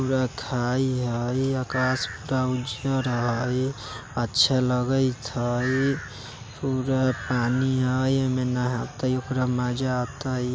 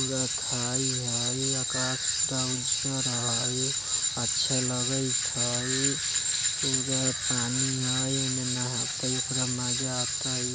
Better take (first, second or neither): first